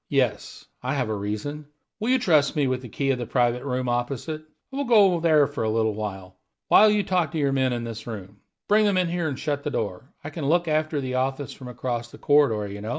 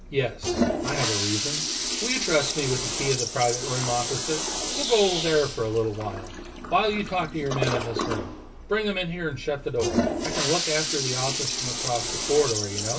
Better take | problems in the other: first | background sound (Toilet flush); 2 dB below the speech // room echo; dies away in 0.1 s

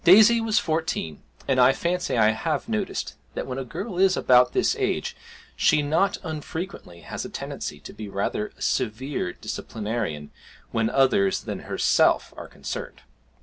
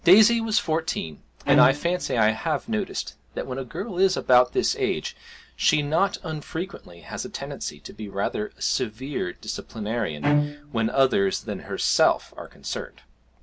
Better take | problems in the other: first | background sound (Bowed string instrument); 3 dB below the speech

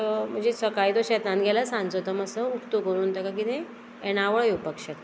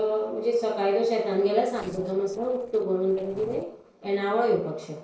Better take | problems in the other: first | noise reduction (neural separator model SepFormer DNS4)

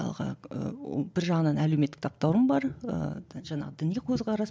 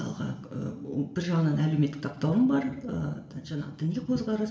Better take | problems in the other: first | room echo; dies away in 0.9 s

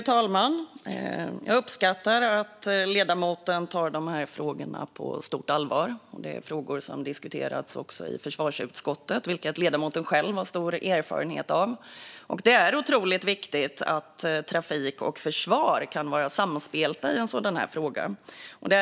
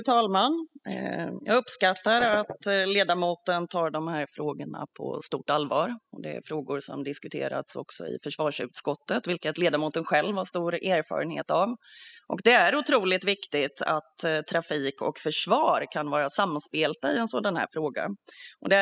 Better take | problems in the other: first | noise reduction (classical method spectral subtraction)

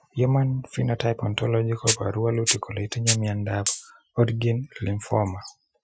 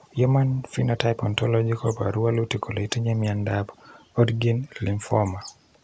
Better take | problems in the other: second | noise reduction (classical method Wiener filter)

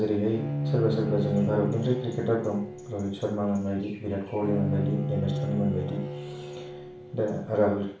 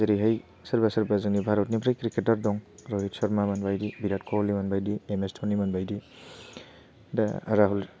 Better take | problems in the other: second | background sound (Bowed string instrument); 4 dB below the speech // room echo; dies away in 0.4 s

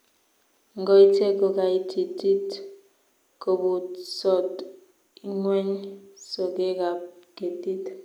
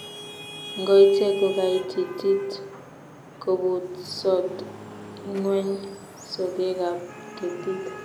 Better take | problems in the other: first | background sound (Traffic noise, roadway noise / Vehicle horn, car horn, honking); 15 dB below the speech

